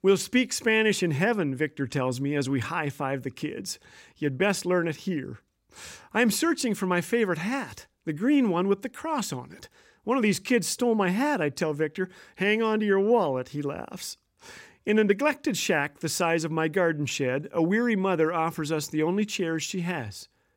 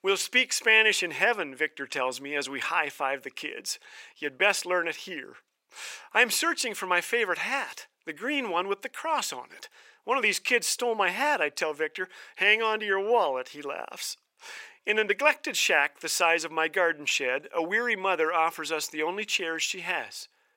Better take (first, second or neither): first